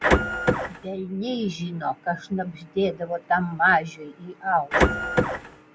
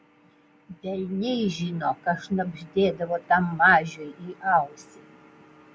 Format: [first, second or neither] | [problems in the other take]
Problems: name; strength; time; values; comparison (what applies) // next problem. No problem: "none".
second | background sound (Printer); 4 dB above the speech